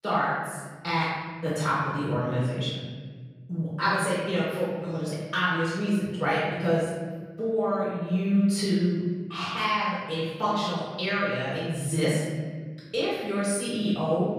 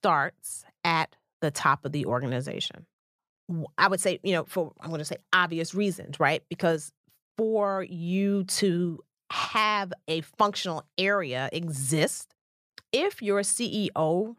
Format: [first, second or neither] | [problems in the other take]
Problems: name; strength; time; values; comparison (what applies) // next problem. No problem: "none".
second | off-mic speech; far // room echo; strong; dies away in 1.8 s